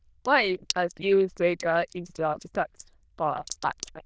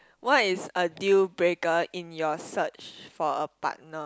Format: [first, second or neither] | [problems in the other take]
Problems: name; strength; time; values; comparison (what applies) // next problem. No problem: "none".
second | noise reduction (neural diffusion model UNIVERSE++)